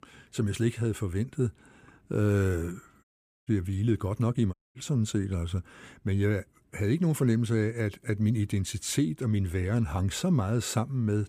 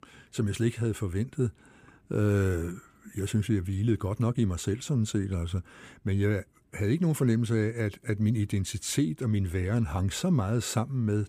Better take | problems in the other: second | audio cutting out; at 3 s and at 4.5 s

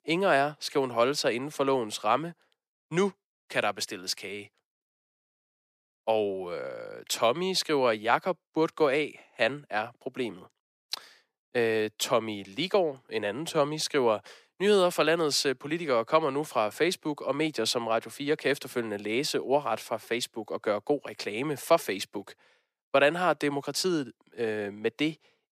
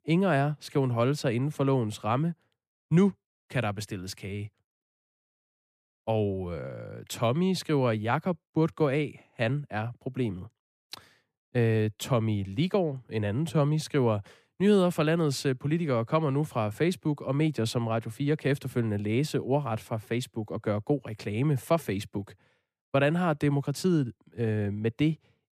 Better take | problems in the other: second | thin; somewhat; fading below 400 Hz

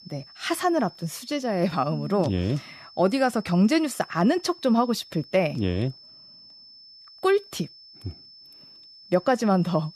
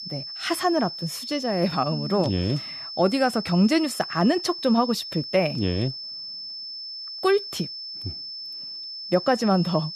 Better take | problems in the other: first | high-pitched whine; loud; throughout; 5.5 kHz, 9 dB below the speech; faint in the first

